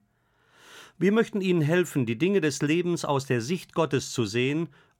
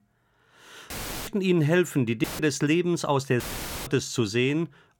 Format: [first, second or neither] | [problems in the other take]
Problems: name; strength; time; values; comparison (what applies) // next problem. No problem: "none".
first | audio cutting out; filled with static; at 1 s, at 2 s and at 3.5 s